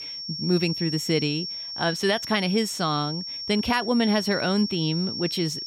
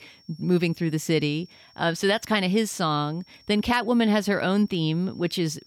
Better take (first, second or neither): second